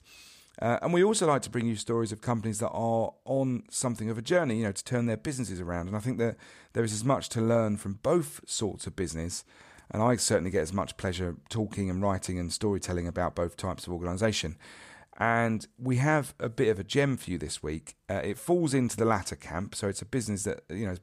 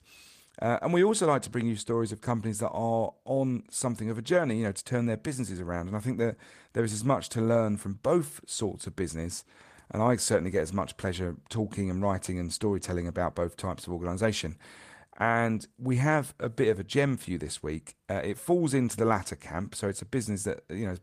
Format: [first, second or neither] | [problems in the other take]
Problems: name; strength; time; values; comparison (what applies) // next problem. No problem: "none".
first | garbled, watery; slightly